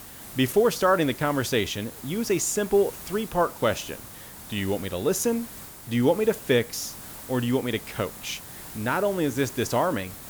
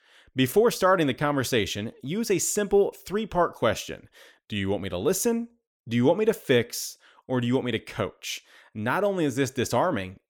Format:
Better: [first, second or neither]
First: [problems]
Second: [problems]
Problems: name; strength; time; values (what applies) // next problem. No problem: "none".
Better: second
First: hiss; noticeable; throughout; 15 dB below the speech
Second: none